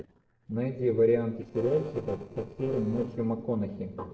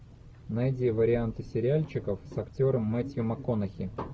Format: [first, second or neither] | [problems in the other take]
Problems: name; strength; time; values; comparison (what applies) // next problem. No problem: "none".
second | noise reduction (neural separator model SepFormer DNS4)